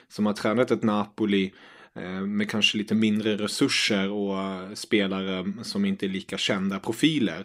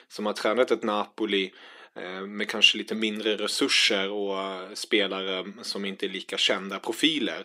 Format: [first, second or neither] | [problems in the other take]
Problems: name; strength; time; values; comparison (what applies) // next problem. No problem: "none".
first | thin; somewhat; fading below 400 Hz